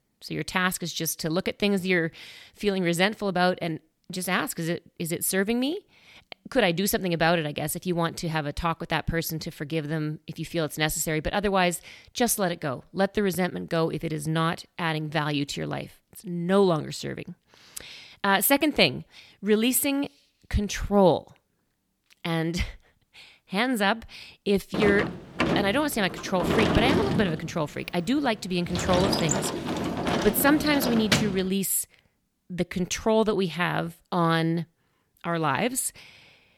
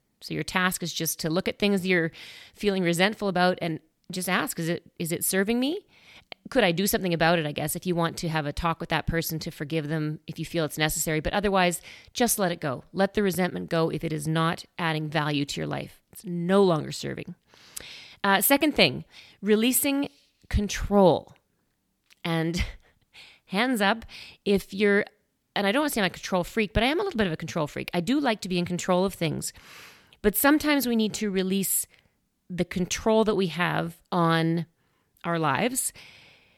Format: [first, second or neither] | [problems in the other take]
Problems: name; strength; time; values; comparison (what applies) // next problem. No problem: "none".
second | door banging; loud; from 25 to 31 s; peak 3 dB above the speech